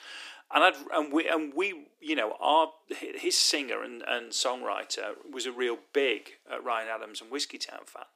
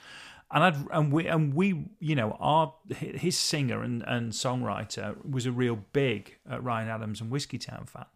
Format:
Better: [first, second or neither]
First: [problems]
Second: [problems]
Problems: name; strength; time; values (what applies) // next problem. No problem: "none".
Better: second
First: thin; very; fading below 300 Hz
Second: none